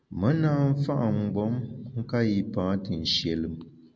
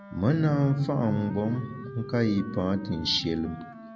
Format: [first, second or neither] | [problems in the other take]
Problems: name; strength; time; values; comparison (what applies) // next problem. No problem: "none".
first | background sound (Wind instrument, woodwind instrument); 16 dB below the speech